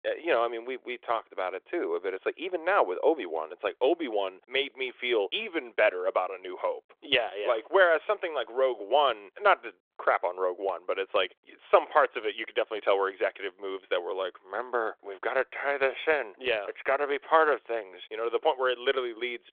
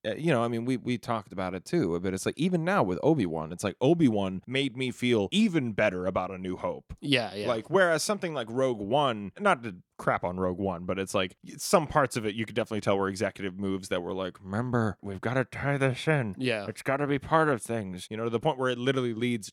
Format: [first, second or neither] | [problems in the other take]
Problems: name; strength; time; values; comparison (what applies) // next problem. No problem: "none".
second | phone-call audio; nothing above 3.5 kHz